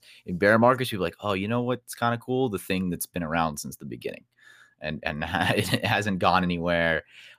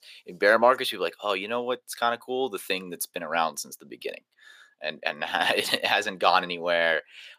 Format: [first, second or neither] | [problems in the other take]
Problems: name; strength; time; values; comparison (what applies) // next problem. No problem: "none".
first | thin; somewhat; fading below 450 Hz